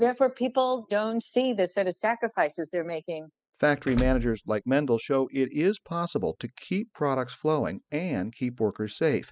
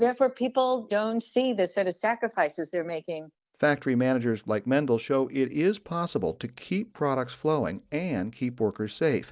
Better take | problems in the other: second | noise reduction (classical method spectral subtraction)

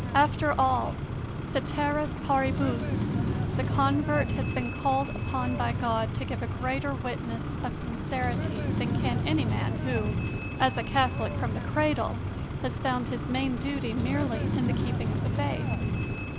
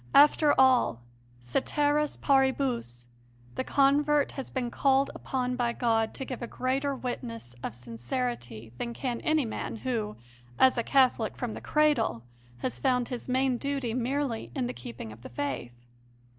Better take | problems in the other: second | background sound (Screech); 1 dB above the speech

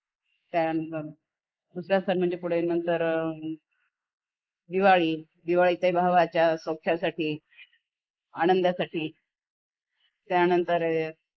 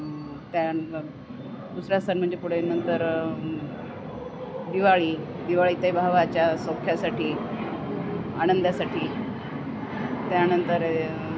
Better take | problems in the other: second | noise reduction (neural mask model Resemble Enhance denoiser)

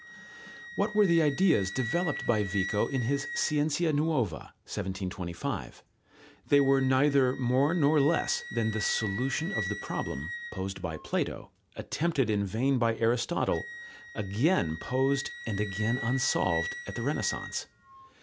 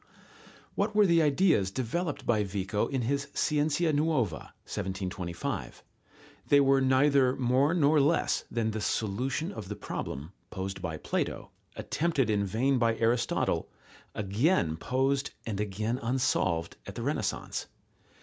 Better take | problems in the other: second | background sound (Wind instrument, woodwind instrument); 12 dB below the speech

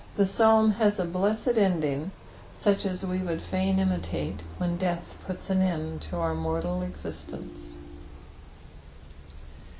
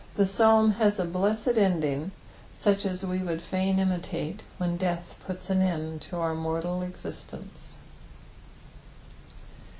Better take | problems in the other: second | background sound (Fixed-wing aircraft, airplane + Ringtone); 14 dB below the speech

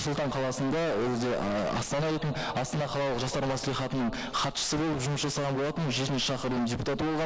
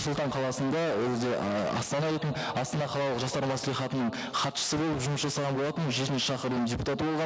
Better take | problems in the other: second | noise reduction (neural mask model Resemble Enhance denoiser)

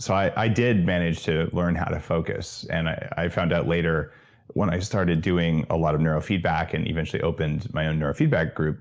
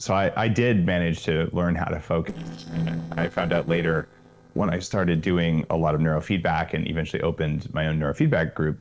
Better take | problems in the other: first | noise reduction (neural separator model SepFormer DNS4)

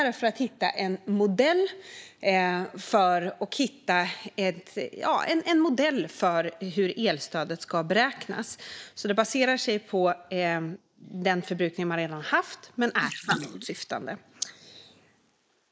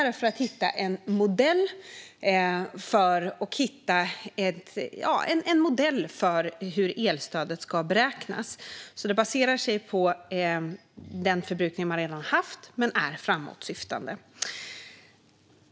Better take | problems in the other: second | noise reduction (neural mask model Resemble Enhance denoiser)

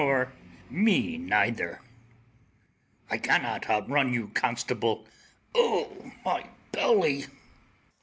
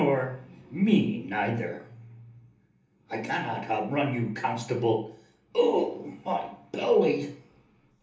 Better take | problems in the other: first | room echo; dies away in 1.2 s

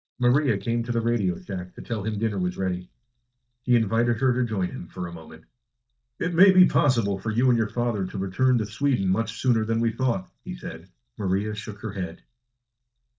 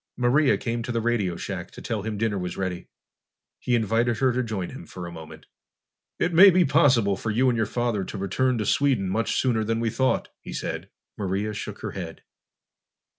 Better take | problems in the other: second | noise reduction (neural mask model DeepFilterNet 3)

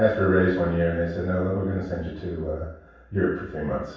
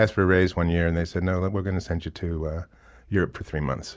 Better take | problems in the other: second | room echo; dies away in 0.7 s

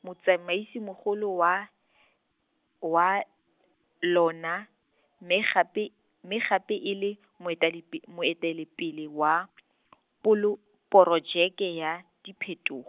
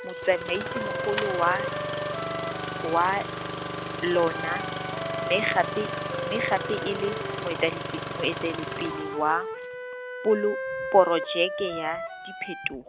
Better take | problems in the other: first | background sound (Engine starting + Wind instrument, woodwind instrument); 4 dB below the speech

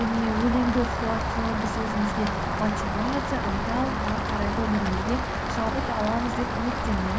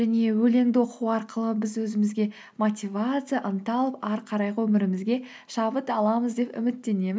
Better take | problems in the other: second | background sound (Rain); 1 dB above the speech

